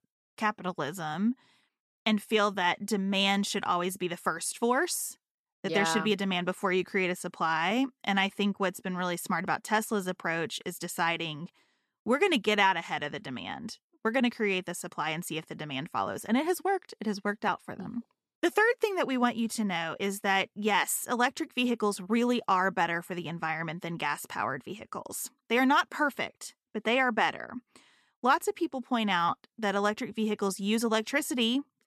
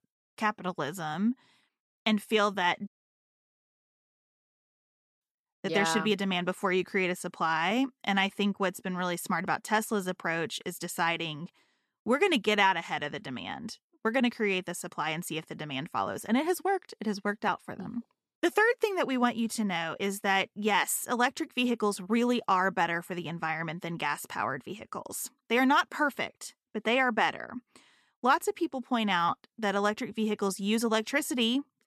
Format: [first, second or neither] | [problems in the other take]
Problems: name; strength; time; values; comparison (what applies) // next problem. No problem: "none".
first | audio cutting out; at 3 s for 2.5 s